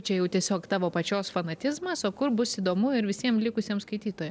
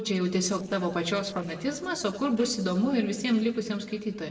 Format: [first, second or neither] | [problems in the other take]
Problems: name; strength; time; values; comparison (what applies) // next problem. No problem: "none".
first | noise reduction (neural separator model SepFormer DNS4)